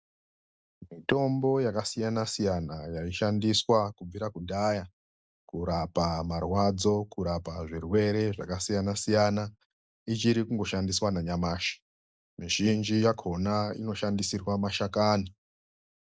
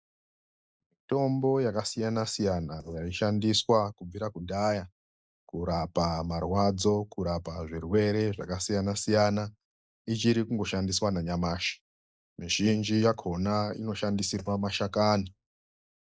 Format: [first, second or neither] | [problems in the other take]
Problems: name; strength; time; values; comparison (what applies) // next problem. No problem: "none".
first | noise reduction (neural mask model DeepFilterNet 3)